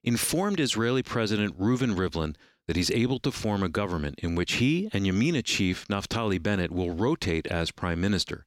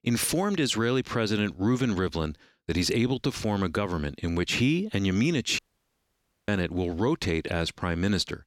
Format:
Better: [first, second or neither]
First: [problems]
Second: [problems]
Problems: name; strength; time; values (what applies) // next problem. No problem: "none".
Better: first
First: none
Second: audio cutting out; at 5.5 s for 1 s